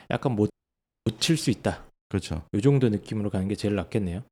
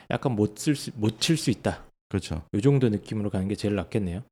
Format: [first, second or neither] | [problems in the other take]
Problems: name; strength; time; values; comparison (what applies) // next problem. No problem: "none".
second | audio cutting out; at 0.5 s for 0.5 s